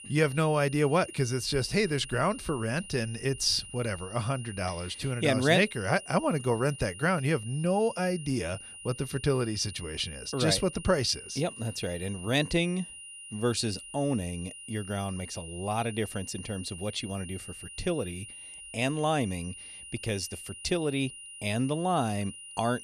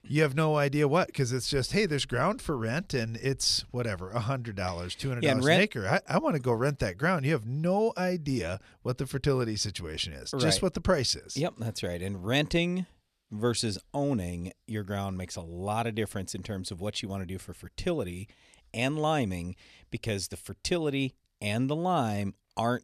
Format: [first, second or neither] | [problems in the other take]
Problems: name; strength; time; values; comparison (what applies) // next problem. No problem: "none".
second | high-pitched whine; noticeable; throughout; 9.5 kHz, 15 dB below the speech